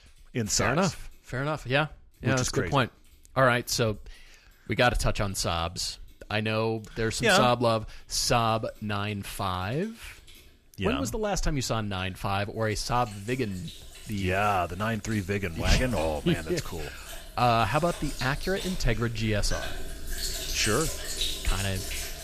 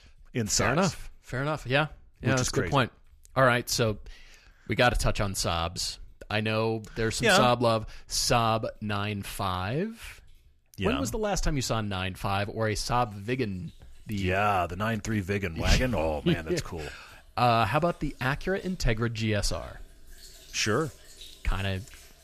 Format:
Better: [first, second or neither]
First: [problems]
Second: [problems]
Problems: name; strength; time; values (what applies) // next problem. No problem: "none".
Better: second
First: household noises; loud; throughout; 9 dB below the speech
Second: household noises; faint; throughout; 25 dB below the speech